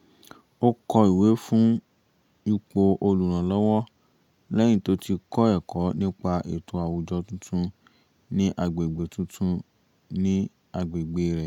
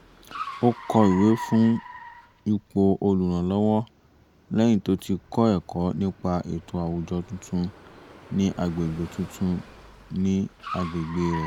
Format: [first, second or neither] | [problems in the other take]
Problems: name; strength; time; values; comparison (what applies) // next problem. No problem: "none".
first | background sound (Car); 16 dB below the speech